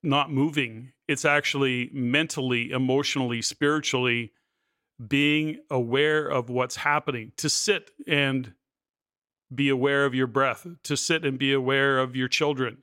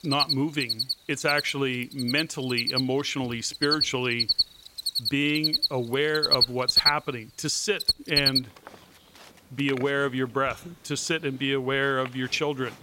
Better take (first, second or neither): first